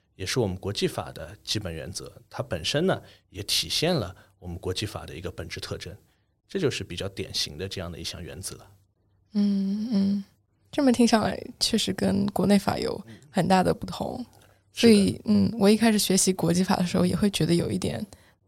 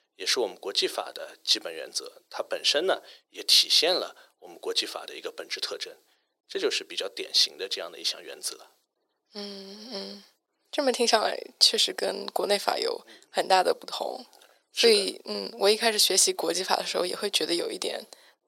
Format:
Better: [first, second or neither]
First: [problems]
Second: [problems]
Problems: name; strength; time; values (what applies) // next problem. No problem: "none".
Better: first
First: none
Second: thin; very; fading below 400 Hz